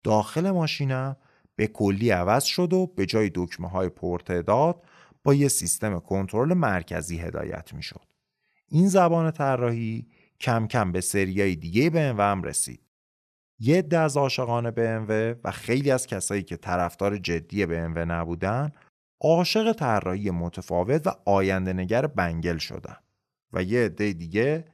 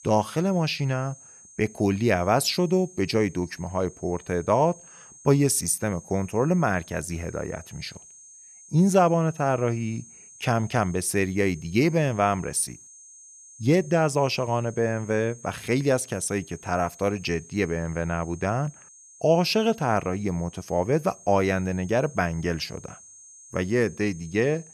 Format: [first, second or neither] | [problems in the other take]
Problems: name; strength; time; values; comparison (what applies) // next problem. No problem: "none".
first | high-pitched whine; faint; throughout; 6.5 kHz, 20 dB below the speech